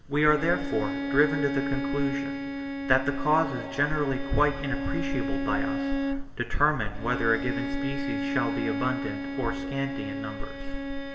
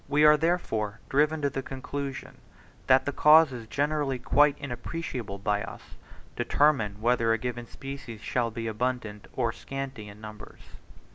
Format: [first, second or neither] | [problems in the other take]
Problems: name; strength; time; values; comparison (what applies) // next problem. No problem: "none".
second | background sound (Bowed string instrument); 4 dB below the speech // room echo; dies away in 1.7 s